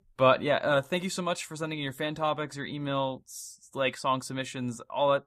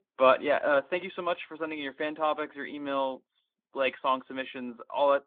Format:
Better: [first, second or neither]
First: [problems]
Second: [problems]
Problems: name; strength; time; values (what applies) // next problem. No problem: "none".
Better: first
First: none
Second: phone-call audio; nothing above 3.5 kHz